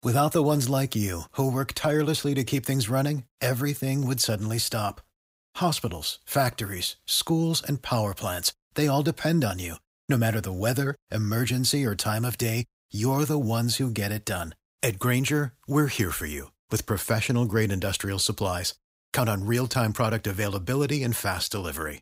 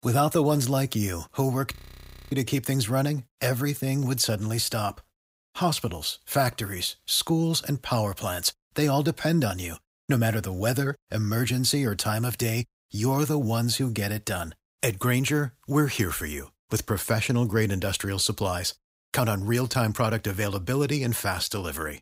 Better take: first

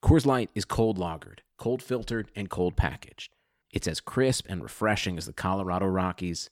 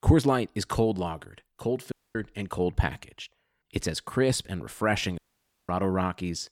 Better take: first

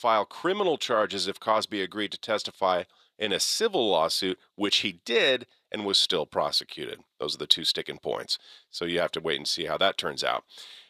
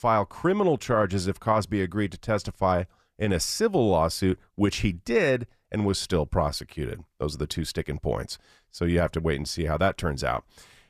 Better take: second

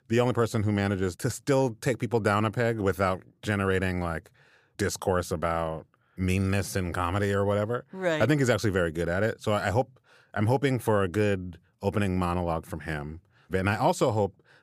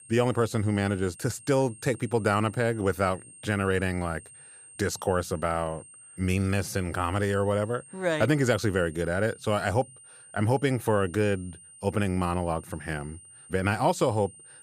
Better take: first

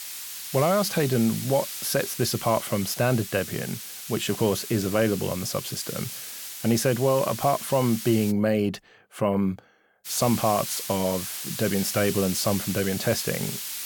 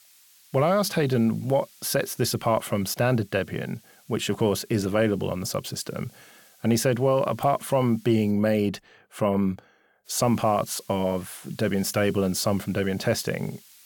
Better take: second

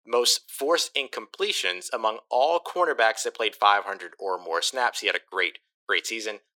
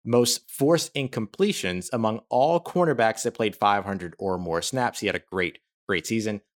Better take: second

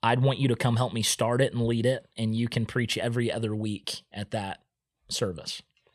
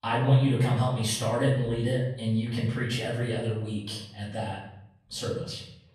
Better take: first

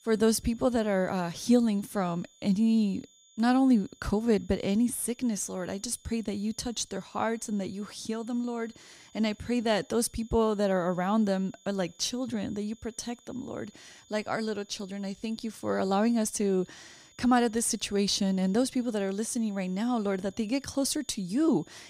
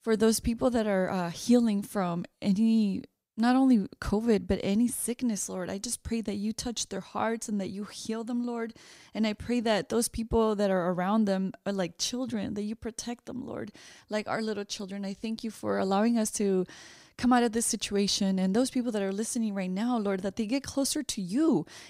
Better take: second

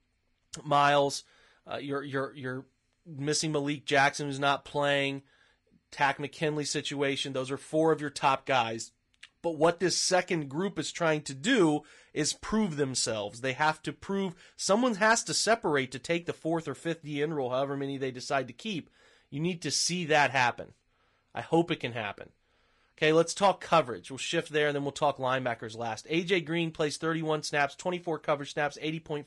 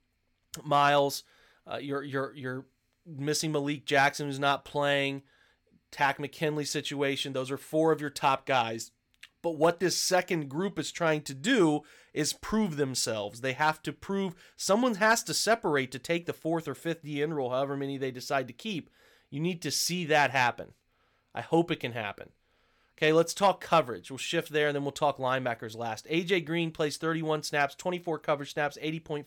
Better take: second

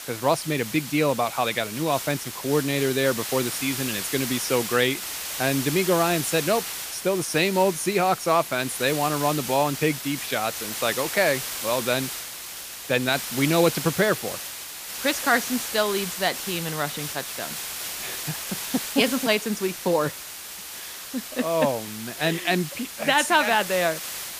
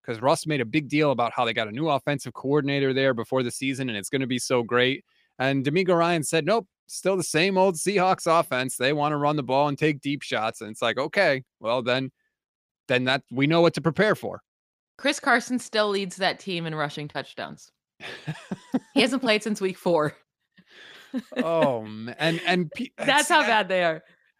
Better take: second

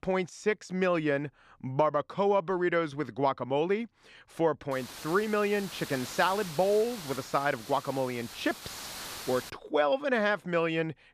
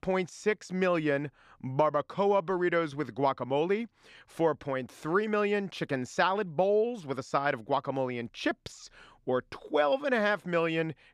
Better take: second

